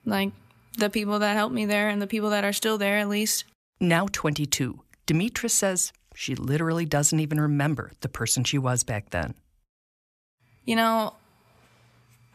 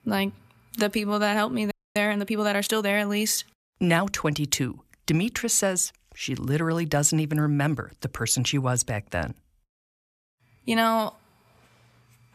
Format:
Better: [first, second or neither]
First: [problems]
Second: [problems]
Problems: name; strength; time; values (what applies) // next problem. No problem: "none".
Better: first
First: none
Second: audio freezing; at 1.5 s